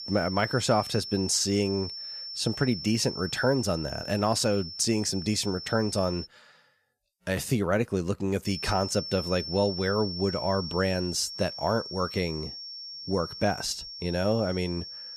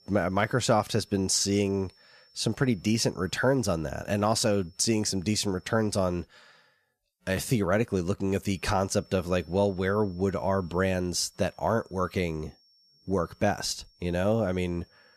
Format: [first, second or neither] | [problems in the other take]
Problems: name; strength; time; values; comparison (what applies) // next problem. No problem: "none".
second | high-pitched whine; loud; until 6.5 s and from 8.5 s on; 5.5 kHz, 8 dB below the speech; faint in the second